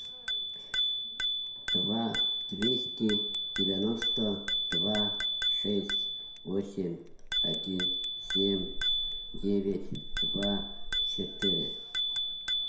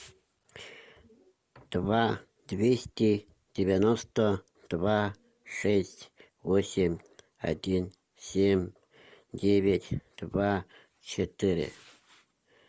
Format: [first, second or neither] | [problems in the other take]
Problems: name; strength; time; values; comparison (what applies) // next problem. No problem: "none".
second | background sound (Bicycle bell); 3 dB above the speech // room echo; dies away in 0.6 s